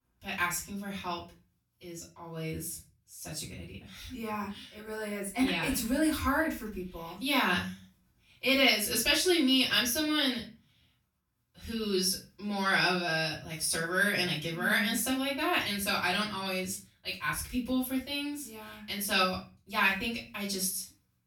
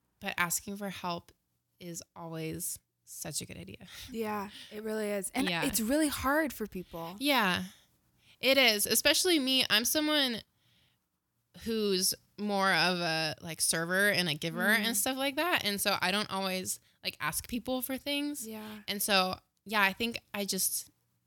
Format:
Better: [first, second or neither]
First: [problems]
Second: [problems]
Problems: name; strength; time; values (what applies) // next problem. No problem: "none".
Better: second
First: off-mic speech; far // room echo; slight; dies away in 0.3 s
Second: none